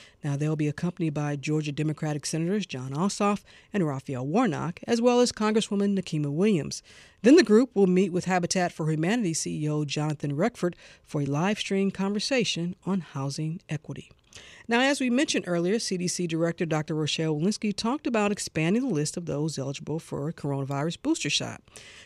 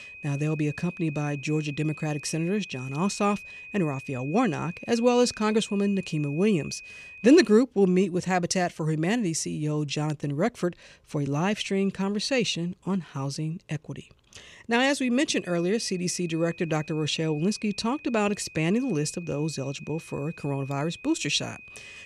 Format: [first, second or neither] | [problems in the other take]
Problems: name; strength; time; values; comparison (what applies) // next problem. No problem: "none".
first | high-pitched whine; noticeable; until 7.5 s and from 15 s on; 2.5 kHz, 15 dB below the speech